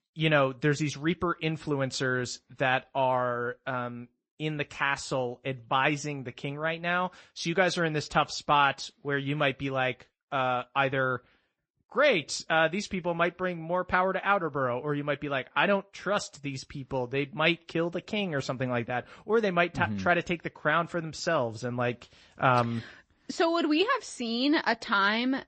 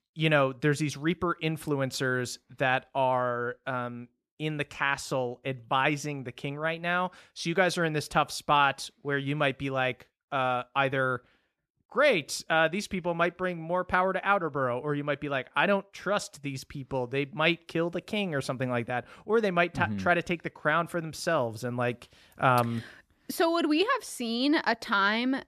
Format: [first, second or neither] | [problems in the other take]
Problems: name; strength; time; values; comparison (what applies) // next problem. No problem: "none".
second | garbled, watery; slightly; nothing above 8 kHz